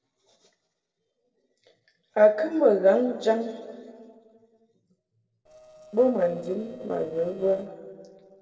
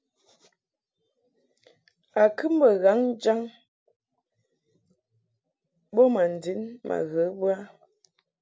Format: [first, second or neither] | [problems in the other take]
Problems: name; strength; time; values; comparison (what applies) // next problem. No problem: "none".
second | noise reduction (neural separator model SepFormer DNS4)